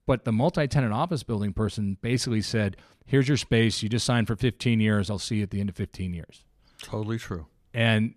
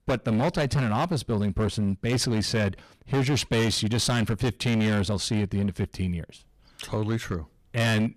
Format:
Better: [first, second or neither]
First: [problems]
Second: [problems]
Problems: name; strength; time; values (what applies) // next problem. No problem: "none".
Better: first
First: none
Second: distortion; heavy; 16% of the sound clipped